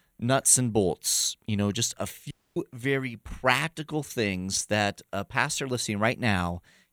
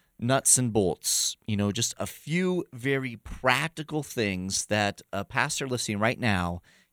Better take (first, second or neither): second